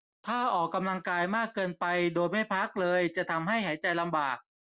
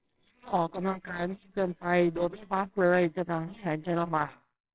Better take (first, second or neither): first